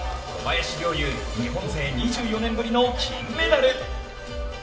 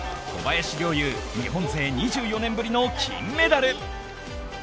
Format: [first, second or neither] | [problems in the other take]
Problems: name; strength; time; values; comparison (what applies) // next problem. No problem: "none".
second | room echo; dies away in 0.7 s